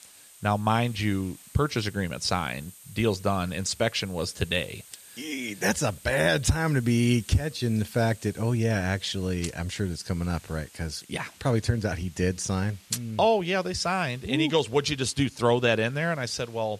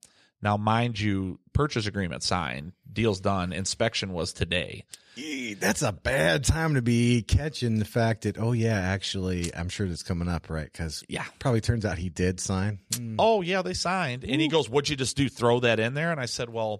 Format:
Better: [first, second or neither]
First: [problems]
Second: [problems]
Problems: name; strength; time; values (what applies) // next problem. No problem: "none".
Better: second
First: hiss; faint; throughout; 20 dB below the speech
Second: none